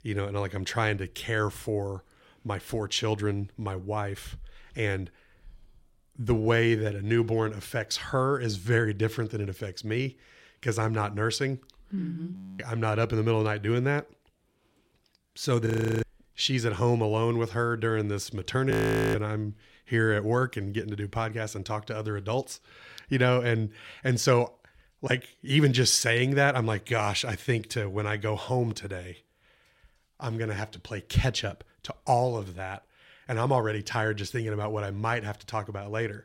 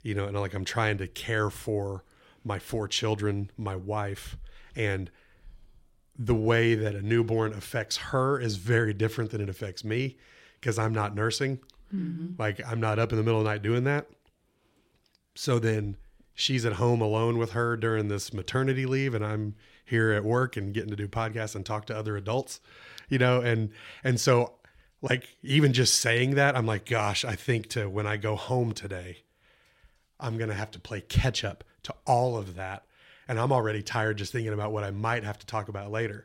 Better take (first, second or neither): second